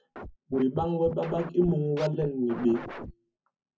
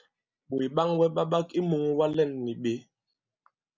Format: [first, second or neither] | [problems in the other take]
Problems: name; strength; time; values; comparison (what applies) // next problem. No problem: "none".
second | background sound (Scratching (performance technique)); 13 dB below the speech // room echo; dies away in 0.3 s